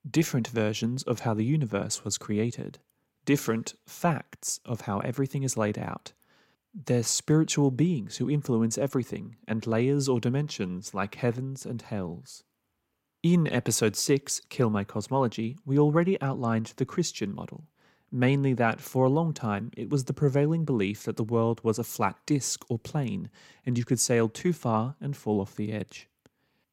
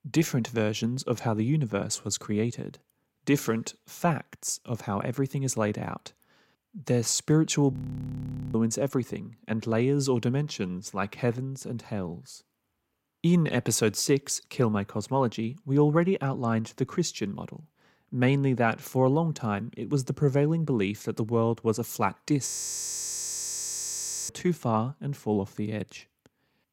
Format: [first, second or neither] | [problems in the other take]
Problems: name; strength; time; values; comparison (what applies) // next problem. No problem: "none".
first | audio freezing; at 7.5 s for 1 s and at 22 s for 2 s